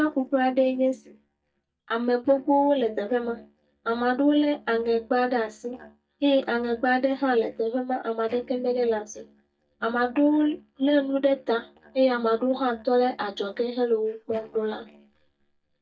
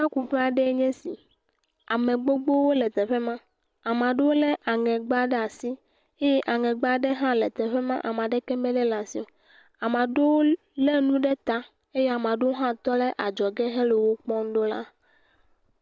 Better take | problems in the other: second | noise reduction (neural mask model DeepFilterNet 3)

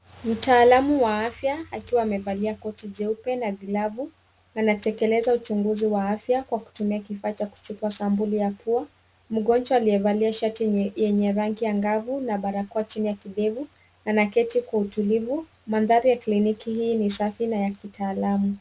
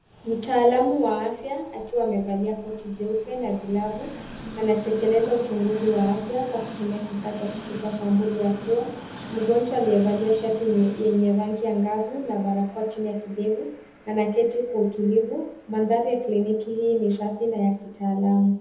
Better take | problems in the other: first | background sound (Train); 17 dB below the speech // room echo; dies away in 0.7 s

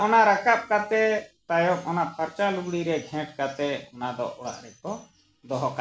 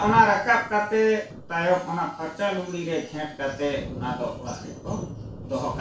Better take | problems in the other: first | background sound (Thunder); 13 dB below the speech // room echo; dies away in 0.3 s

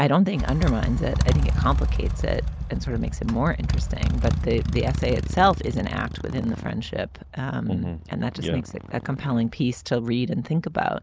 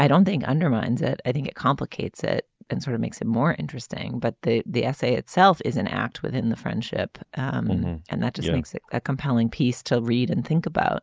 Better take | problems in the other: second | background sound (Motorcycle); 2 dB below the speech

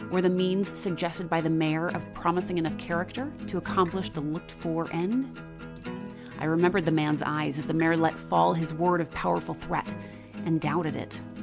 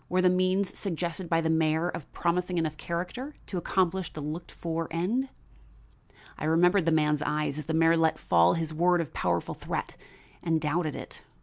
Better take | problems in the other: second | background sound (Acoustic guitar); 11 dB below the speech

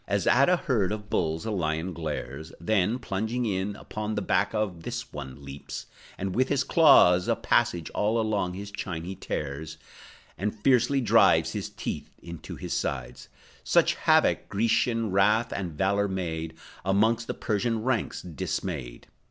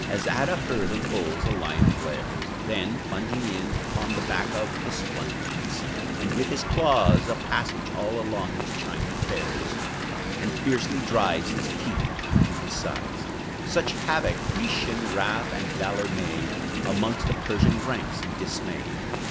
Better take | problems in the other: first | background sound (Wind); 2 dB above the speech

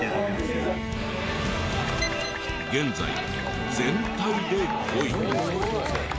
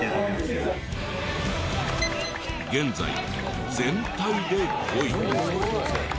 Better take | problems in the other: second | background sound (Bowed string instrument + Bowed string instrument); 8 dB below the speech

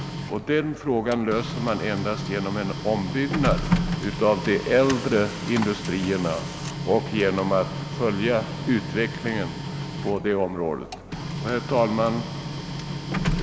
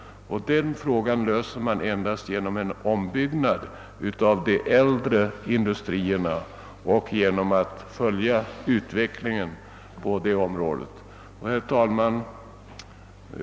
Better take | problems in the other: second | background sound (Printer); 5 dB below the speech

